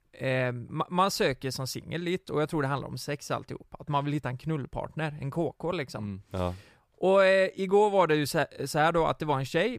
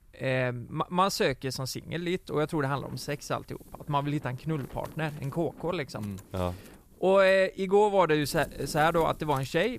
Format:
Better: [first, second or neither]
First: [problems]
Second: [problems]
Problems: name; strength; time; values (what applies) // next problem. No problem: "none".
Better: first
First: none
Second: wind noise on the microphone; occasional gusts; 25 dB below the speech